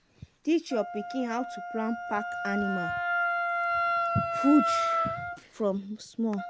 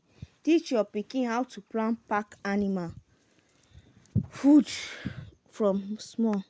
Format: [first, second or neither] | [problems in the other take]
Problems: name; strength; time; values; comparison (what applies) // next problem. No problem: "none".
second | background sound (Wind instrument, woodwind instrument); 1 dB below the speech